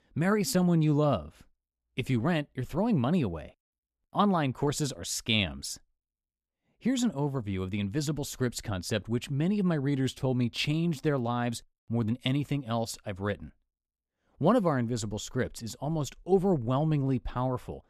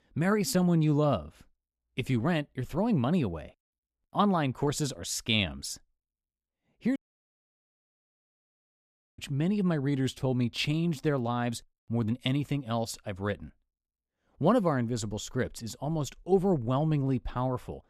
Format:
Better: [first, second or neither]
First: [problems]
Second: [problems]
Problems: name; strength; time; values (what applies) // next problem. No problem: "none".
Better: first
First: none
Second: audio cutting out; at 7 s for 2 s